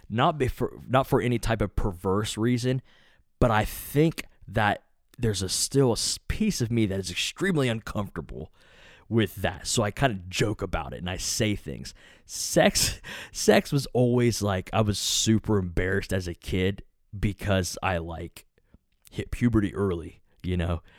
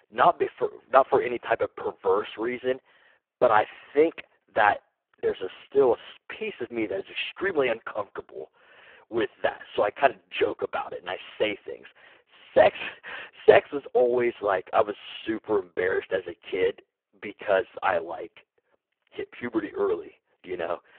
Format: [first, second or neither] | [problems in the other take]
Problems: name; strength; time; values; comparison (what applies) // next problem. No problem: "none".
first | phone-call audio; poor line